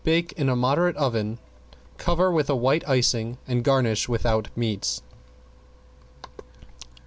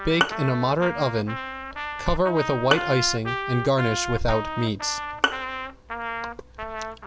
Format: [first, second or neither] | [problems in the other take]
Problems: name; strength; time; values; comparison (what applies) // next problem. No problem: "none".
first | background sound (Bowed string instrument + Trumpet); 4 dB below the speech